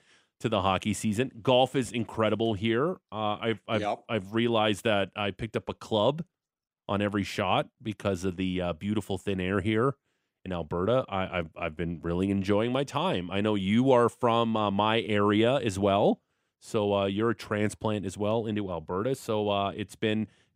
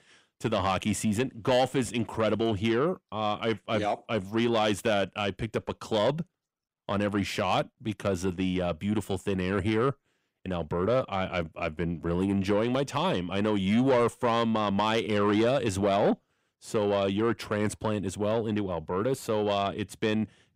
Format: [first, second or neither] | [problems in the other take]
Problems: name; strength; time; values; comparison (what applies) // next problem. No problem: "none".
first | distortion; slight; 10 dB below the speech